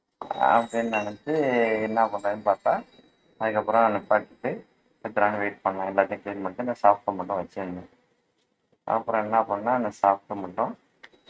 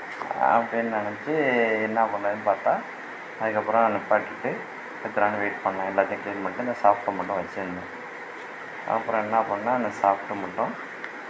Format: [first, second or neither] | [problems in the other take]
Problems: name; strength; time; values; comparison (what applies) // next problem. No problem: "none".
second | noise reduction (neural mask model RNNoise)